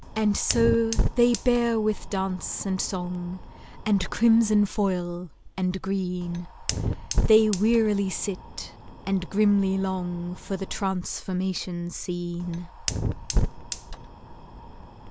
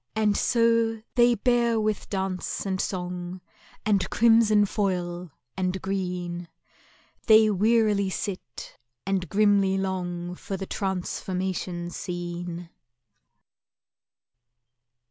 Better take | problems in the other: second | background sound (Fire); 6 dB below the speech

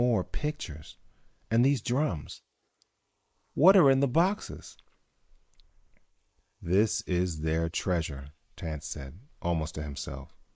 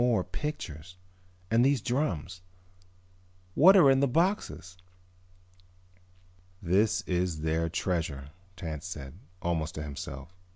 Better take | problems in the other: second | noise reduction (neural mask model Resemble Enhance denoiser)

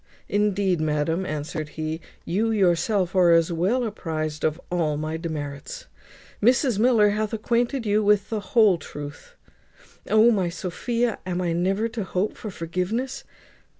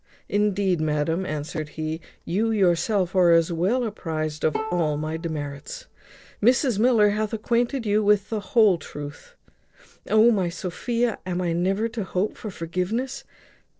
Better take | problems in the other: first | noise reduction (neural separator model SepFormer DNS4)

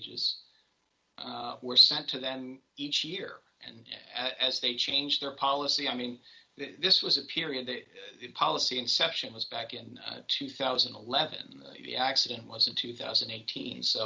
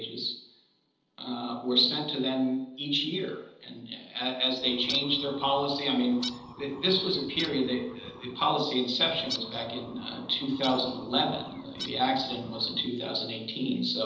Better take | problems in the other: first | noise reduction (neural separator model SepFormer DNS4)

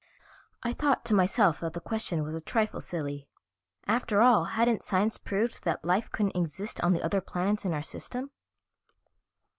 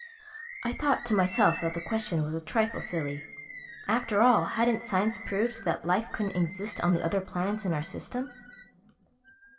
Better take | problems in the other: first | background sound (Bird); 15 dB below the speech // room echo; dies away in 2.4 s

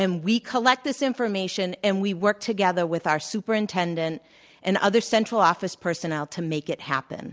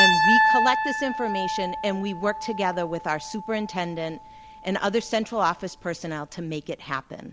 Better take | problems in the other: first | background sound (Piano); 1 dB above the speech

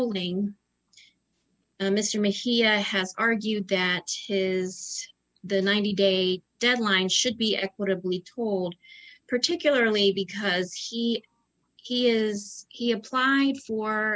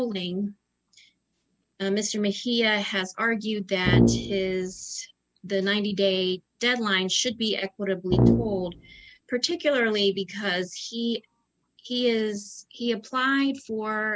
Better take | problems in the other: first | background sound (Brass instrument); 4 dB above the speech

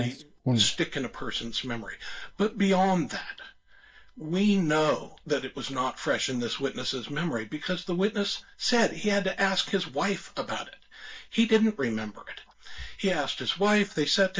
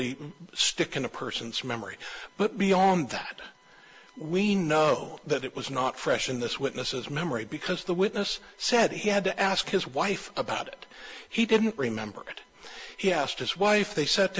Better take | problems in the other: second | noise reduction (neural mask model DeepFilterNet 3)

